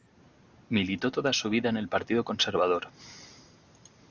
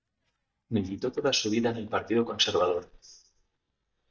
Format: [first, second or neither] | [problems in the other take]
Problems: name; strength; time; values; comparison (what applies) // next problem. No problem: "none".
first | noise reduction (neural mask model DeepFilterNet 3)